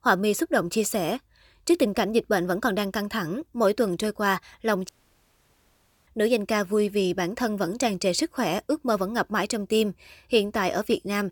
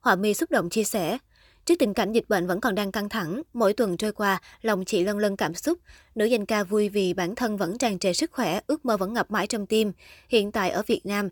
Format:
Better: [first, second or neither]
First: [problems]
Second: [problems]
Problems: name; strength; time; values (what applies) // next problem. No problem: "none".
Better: second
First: audio cutting out; at 5 s for 1 s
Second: none